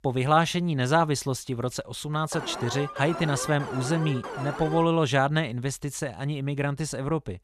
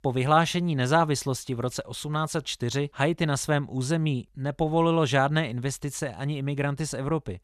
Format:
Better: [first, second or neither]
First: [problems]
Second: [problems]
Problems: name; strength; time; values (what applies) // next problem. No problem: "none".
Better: second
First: alarm; noticeable; from 2.5 to 5 s; peak 8 dB below the speech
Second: none